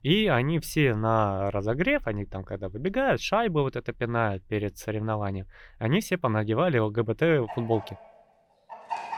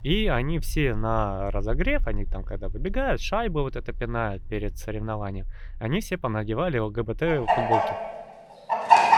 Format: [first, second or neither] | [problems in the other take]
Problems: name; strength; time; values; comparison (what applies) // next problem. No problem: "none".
first | animal sounds; loud; throughout; 1 dB below the speech; faint in the first